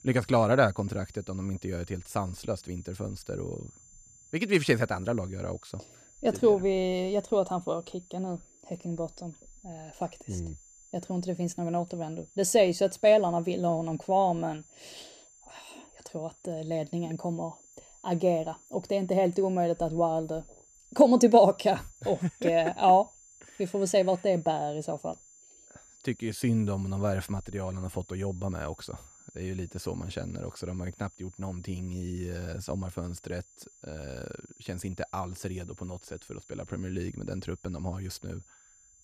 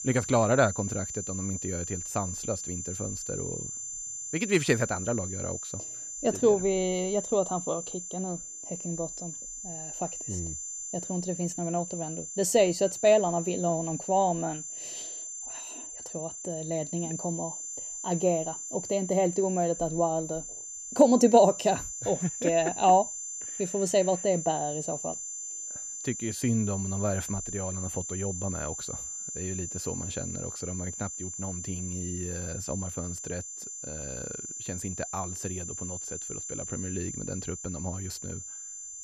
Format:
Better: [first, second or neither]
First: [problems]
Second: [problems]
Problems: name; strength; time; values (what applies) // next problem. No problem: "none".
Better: first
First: high-pitched whine; faint; throughout; 7 kHz, 25 dB below the speech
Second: high-pitched whine; loud; throughout; 7 kHz, 6 dB below the speech